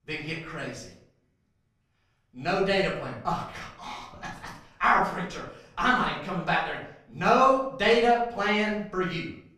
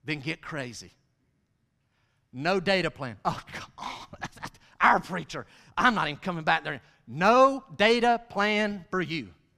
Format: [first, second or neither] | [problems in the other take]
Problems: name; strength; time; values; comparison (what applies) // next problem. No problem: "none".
second | room echo; noticeable; dies away in 0.5 s // off-mic speech; far